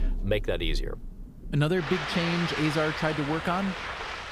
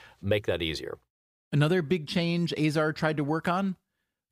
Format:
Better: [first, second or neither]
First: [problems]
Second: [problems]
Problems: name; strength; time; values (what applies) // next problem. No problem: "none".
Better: second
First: rain or running water; loud; throughout; 5 dB below the speech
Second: none